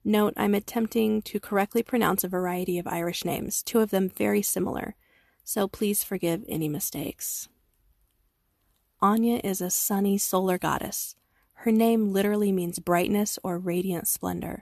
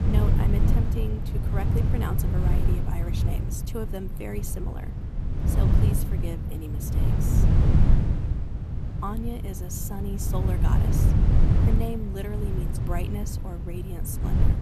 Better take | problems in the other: first | wind noise on the microphone; heavy; 1 dB above the speech

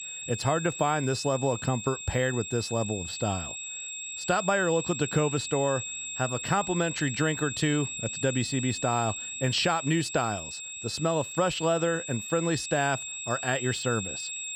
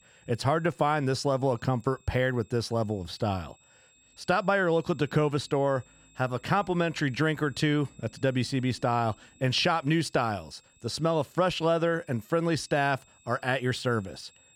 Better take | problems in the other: second | high-pitched whine; loud; throughout; 7.5 kHz, 6 dB below the speech; faint in the second

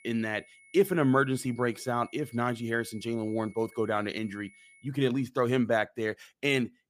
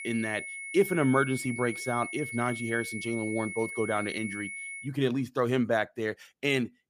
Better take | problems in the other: first | high-pitched whine; loud; until 5 s; 2 kHz, 7 dB below the speech; faint in the first

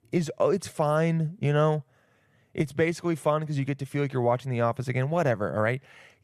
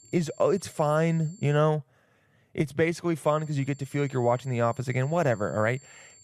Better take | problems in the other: first | high-pitched whine; faint; until 1.5 s and from 3.5 s on; 7.5 kHz, 25 dB below the speech

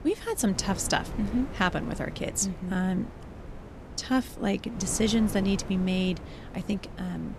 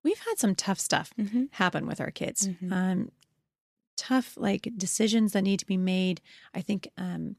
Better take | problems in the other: second | wind noise on the microphone; occasional gusts; 15 dB below the speech

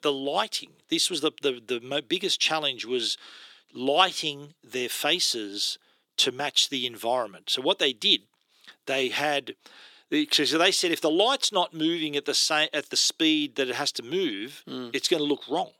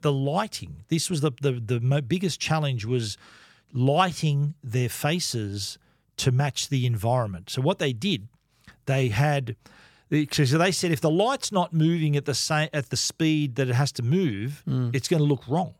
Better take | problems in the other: second | thin; somewhat; fading below 300 Hz

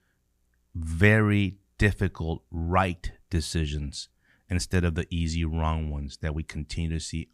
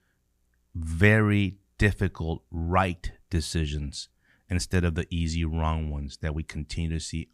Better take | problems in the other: neither | none

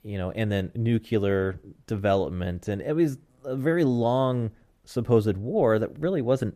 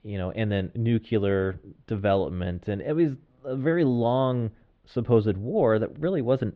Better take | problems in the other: first | muffled; slightly; fading above 3.5 kHz

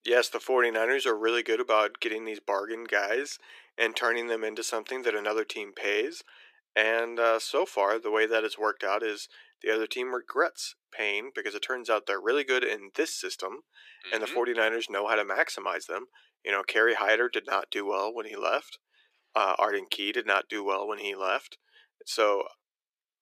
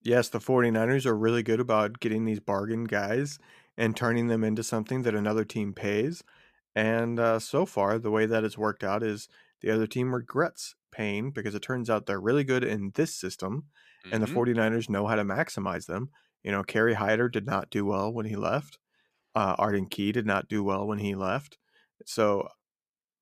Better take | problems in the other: second | thin; very; fading below 350 Hz

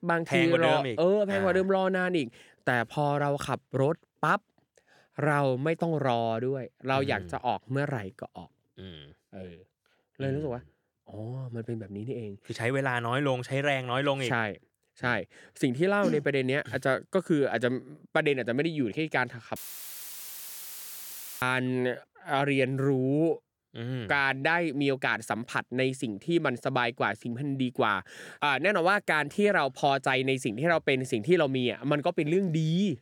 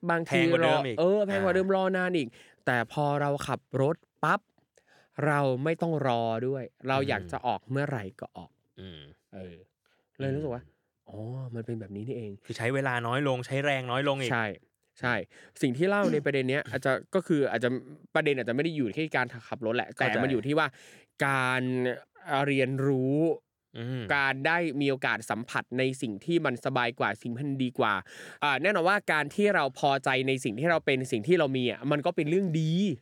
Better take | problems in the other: second | audio cutting out; filled with static; at 20 s for 2 s

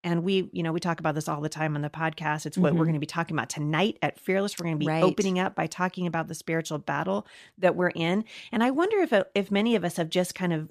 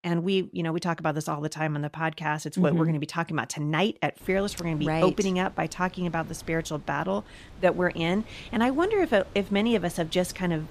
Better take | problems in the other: first | wind noise on the microphone; occasional gusts; from 4 s on; 25 dB below the speech

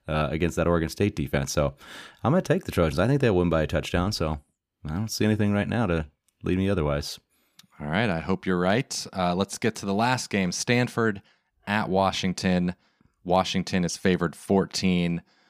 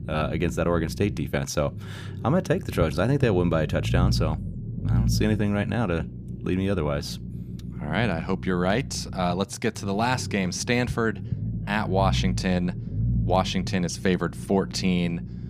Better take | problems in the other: first | low rumble; noticeable; throughout; 15 dB below the speech

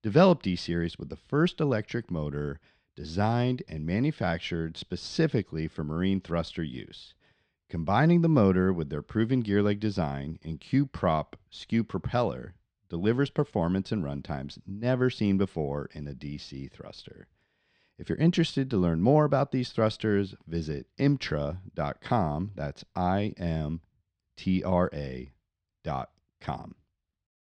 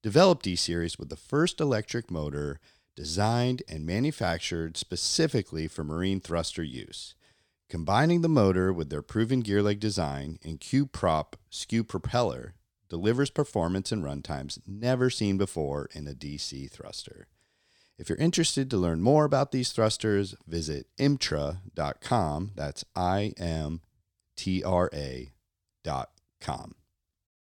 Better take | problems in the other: second | muffled; slightly; fading above 2.5 kHz

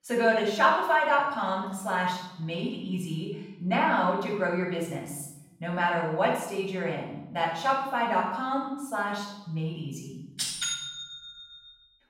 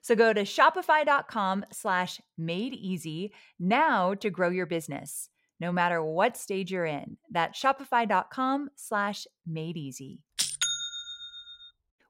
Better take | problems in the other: second | off-mic speech; far // room echo; noticeable; dies away in 0.9 s

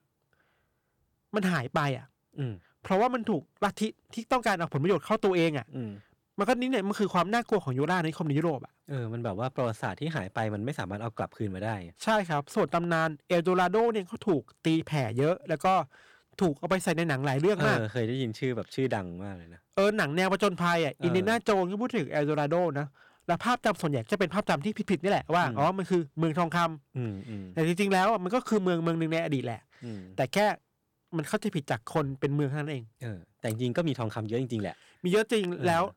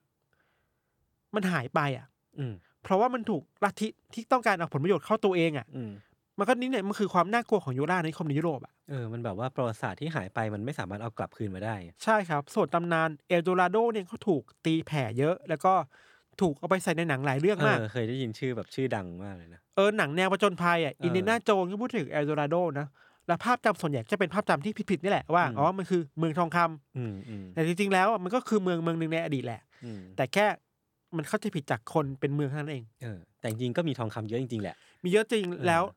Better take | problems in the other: second | distortion; slight; 3% of the sound clipped

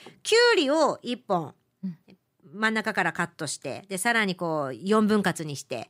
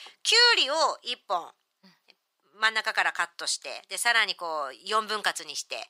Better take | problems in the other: first | thin; very; fading below 850 Hz

